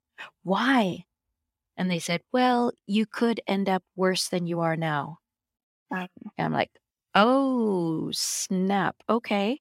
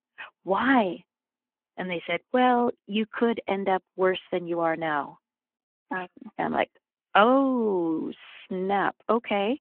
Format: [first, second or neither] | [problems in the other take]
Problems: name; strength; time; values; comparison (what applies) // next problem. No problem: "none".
first | phone-call audio